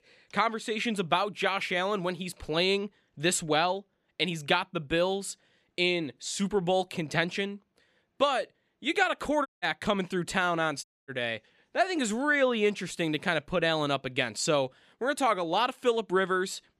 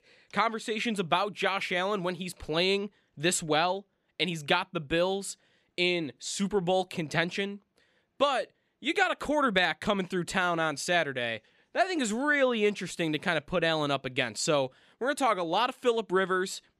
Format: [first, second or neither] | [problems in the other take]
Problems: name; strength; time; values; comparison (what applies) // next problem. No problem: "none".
second | audio cutting out; at 9.5 s and at 11 s